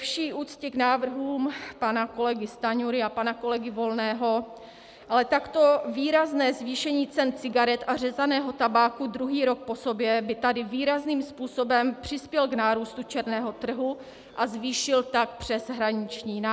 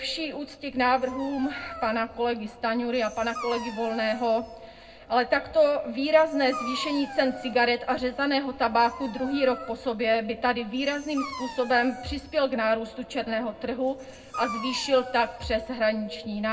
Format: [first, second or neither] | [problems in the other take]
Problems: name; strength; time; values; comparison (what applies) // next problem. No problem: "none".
first | background sound (Dog); 15 dB below the speech // room echo; dies away in 0.3 s